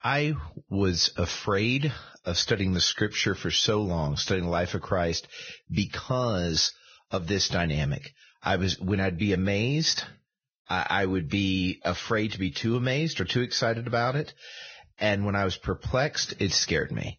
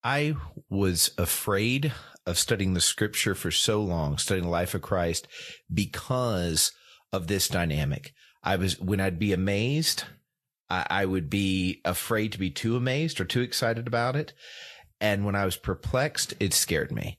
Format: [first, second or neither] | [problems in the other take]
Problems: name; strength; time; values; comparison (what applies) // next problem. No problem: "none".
second | garbled, watery; badly; nothing above 6.5 kHz; slightly in the second